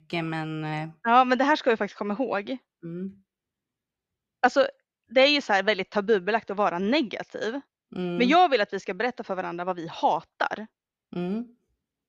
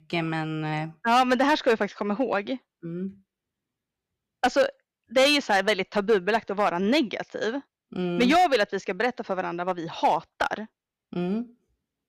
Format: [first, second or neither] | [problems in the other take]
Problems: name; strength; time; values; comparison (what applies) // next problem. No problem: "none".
first | distortion; slight; 3% of the sound clipped